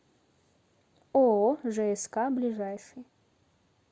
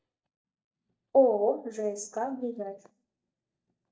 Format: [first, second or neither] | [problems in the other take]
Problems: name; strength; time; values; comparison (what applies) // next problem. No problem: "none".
first | noise reduction (neural mask model DeepFilterNet 3)